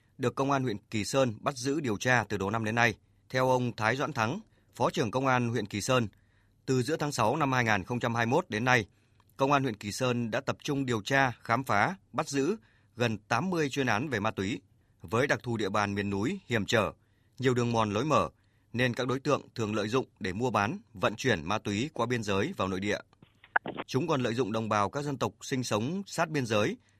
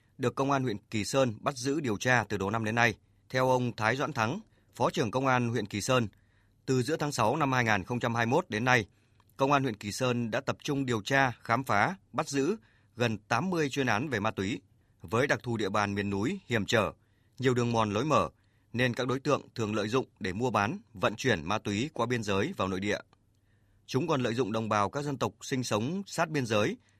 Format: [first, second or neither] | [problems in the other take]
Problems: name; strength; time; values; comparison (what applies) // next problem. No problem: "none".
second | phone ringing; noticeable; at 24 s; peak 2 dB below the speech